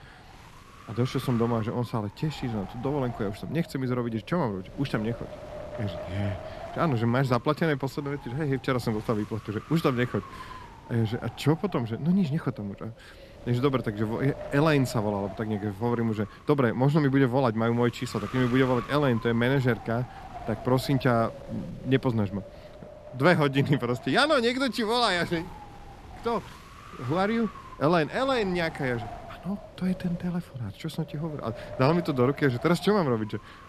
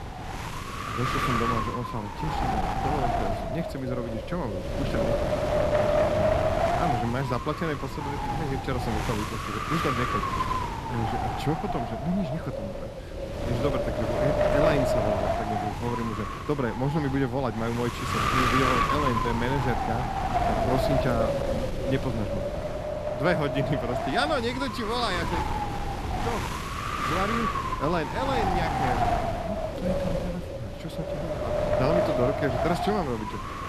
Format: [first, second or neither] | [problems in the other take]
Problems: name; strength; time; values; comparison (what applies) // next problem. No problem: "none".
first | wind noise on the microphone; heavy; 5 dB above the speech; occasional gusts in the first